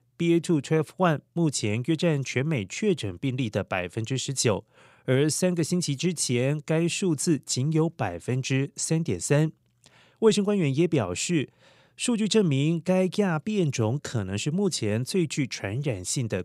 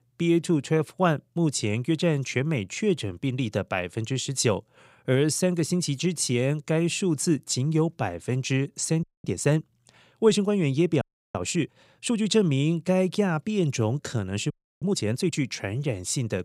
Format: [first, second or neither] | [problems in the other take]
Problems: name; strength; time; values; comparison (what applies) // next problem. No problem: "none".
first | audio freezing; at 9 s, at 11 s and at 15 s